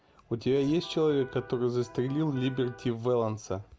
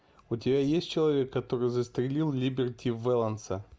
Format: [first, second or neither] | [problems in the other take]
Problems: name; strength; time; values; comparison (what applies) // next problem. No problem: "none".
second | background sound (Electric guitar); 19 dB below the speech